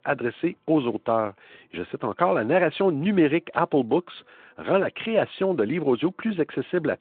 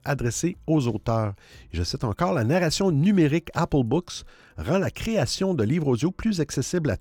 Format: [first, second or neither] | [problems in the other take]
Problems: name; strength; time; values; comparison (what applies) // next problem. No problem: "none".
second | phone-call audio; nothing above 3.5 kHz